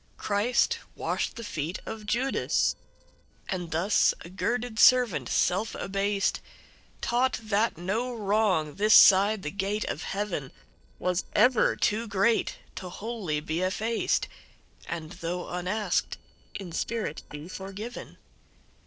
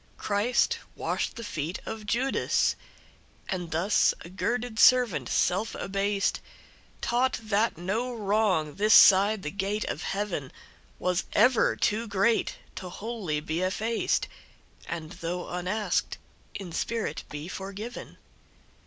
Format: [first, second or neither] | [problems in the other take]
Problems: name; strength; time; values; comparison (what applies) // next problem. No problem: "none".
second | noise reduction (neural separator model SepFormer DNS4)